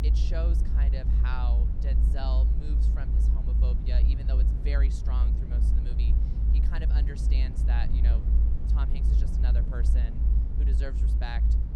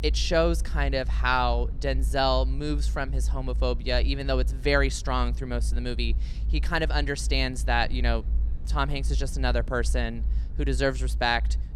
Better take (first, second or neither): second